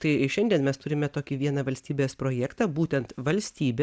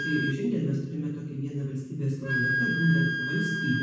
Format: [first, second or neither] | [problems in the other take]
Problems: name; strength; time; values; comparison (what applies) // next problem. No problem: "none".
first | background sound (Wind instrument, woodwind instrument); 4 dB below the speech // room echo; dies away in 1.1 s